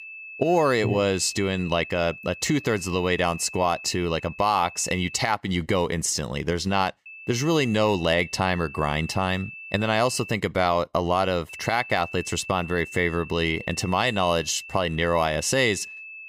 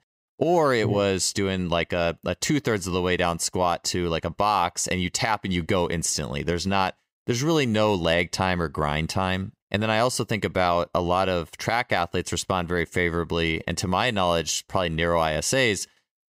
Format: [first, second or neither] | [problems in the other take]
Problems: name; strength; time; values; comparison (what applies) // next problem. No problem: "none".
second | high-pitched whine; noticeable; until 5 s, from 7 to 10 s and from 11 s on; 2.5 kHz, 15 dB below the speech